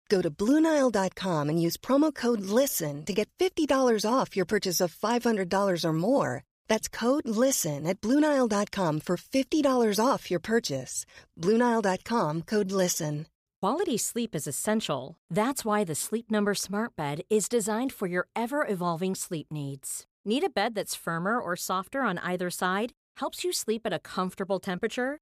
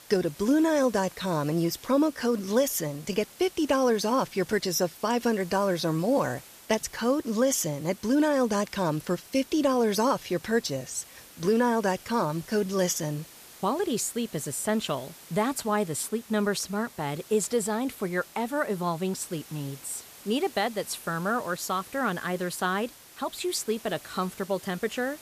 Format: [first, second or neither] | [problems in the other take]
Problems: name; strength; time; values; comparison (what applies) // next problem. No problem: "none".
first | hiss; noticeable; throughout; 20 dB below the speech